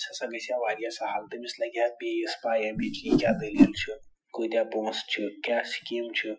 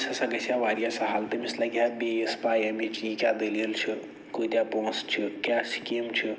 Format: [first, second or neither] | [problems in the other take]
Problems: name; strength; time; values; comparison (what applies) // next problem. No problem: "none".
second | noise reduction (classical method Wiener filter)